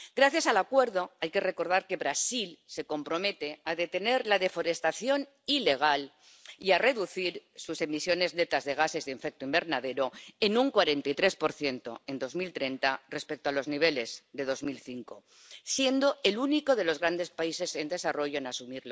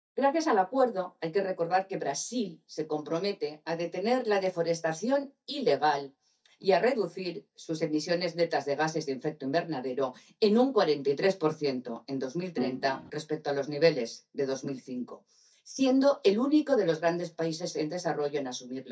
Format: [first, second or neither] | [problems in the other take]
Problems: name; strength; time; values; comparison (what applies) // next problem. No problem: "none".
first | noise reduction (neural mask model DeepFilterNet 3)